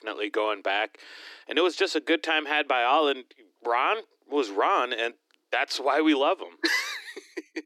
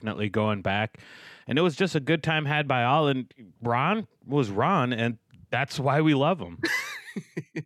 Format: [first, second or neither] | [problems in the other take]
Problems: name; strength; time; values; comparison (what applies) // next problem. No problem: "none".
second | thin; somewhat; fading below 300 Hz